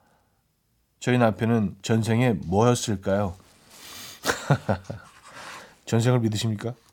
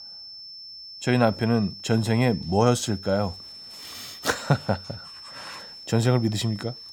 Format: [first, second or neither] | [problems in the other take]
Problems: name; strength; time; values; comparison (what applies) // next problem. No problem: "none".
first | high-pitched whine; noticeable; throughout; 5.5 kHz, 15 dB below the speech